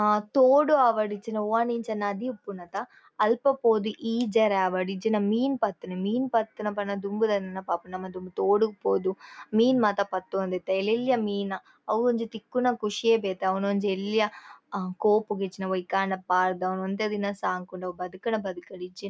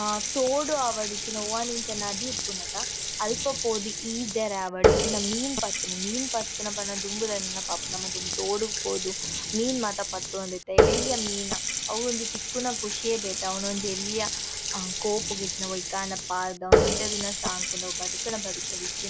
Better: first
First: none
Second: background sound (Water tap, faucet); 3 dB above the speech

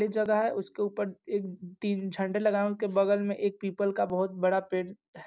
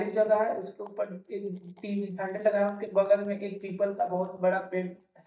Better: first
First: none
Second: noise reduction (neural mask model DeepFilterNet 3)

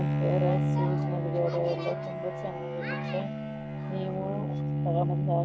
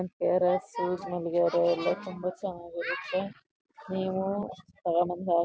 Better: second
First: background sound (Bowed string instrument); 3 dB above the speech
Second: none

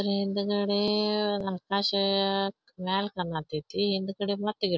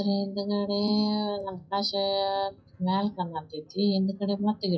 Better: first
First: none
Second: noise reduction (classical method WPE with log-MMSE)

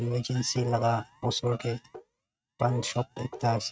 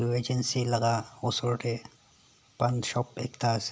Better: second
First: noise reduction (neural mask model RNNoise)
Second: none

